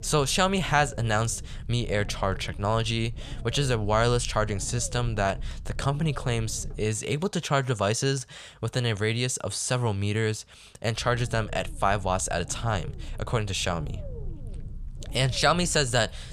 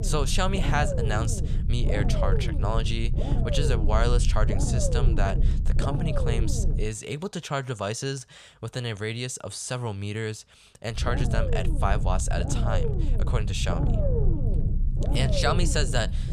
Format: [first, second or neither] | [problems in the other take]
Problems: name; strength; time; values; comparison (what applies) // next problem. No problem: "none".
first | low rumble; loud; until 7 s and from 11 s on; 5 dB below the speech; faint in the first